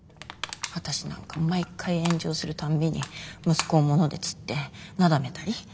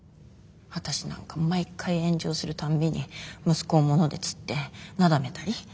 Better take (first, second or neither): second